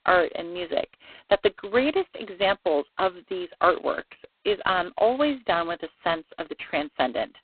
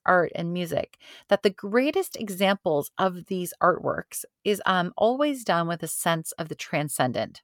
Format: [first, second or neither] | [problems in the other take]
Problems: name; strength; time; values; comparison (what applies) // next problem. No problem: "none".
second | phone-call audio; poor line; nothing above 4 kHz